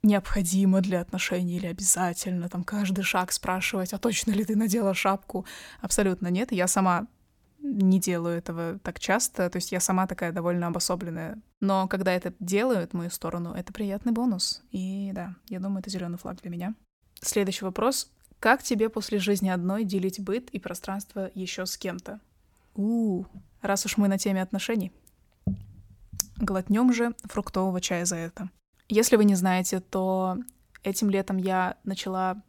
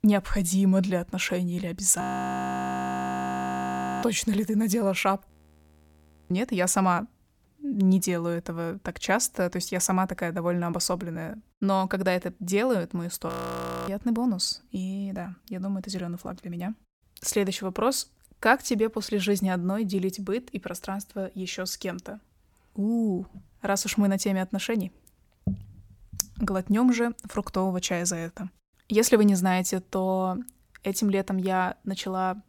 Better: first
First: none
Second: audio freezing; at 2 s for 2 s, at 5.5 s for 1 s and at 13 s for 0.5 s

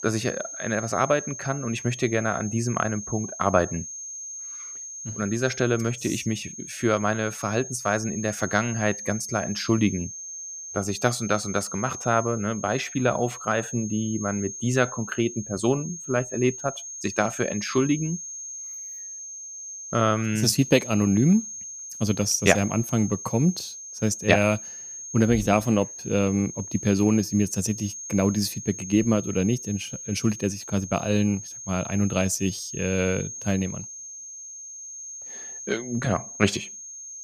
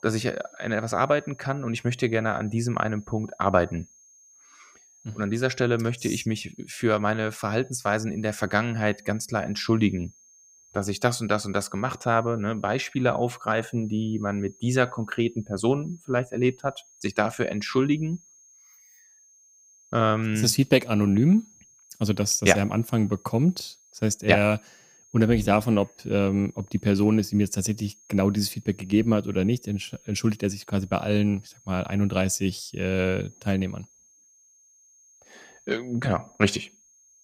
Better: second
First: high-pitched whine; loud; throughout; 6.5 kHz, 10 dB below the speech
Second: high-pitched whine; faint; throughout; 6.5 kHz, 30 dB below the speech

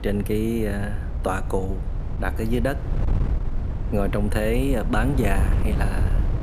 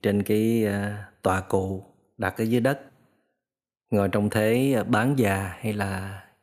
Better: second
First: wind noise on the microphone; occasional gusts; 10 dB below the speech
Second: none

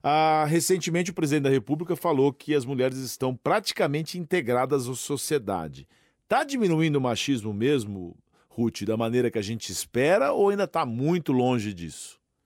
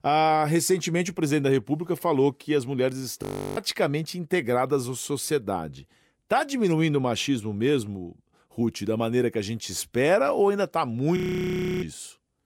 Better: first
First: none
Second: audio freezing; at 3 s and at 11 s for 0.5 s

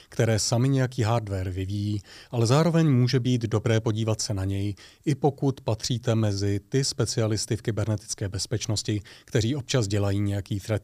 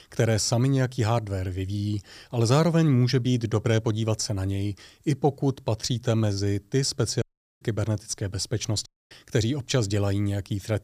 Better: first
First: none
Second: audio cutting out; at 7 s and at 9 s

